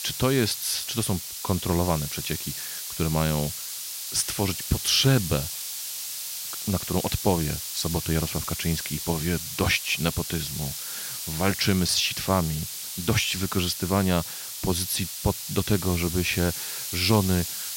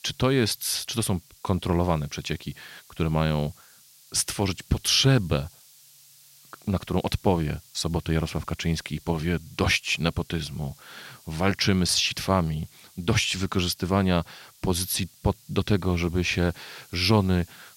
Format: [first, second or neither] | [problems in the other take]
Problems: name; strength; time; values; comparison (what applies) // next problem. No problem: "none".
second | hiss; loud; throughout; 5 dB below the speech; faint in the second